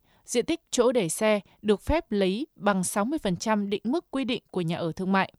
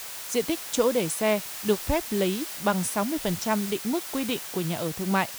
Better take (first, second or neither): first